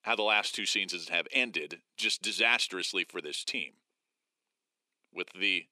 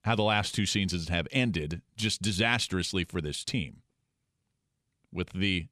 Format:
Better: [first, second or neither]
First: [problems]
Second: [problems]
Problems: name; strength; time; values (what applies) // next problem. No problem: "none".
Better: second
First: thin; somewhat; fading below 300 Hz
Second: none